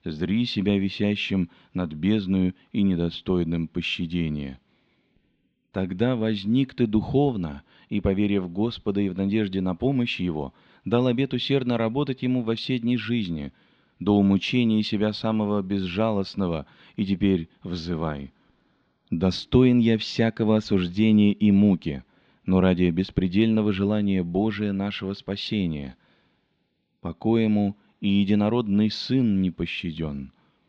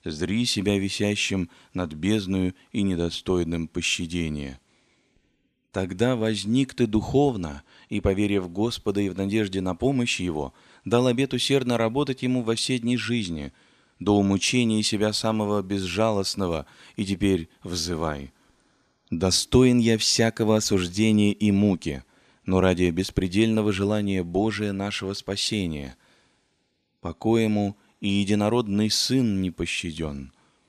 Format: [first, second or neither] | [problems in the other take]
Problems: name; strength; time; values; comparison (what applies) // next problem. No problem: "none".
second | muffled; slightly; fading above 3.5 kHz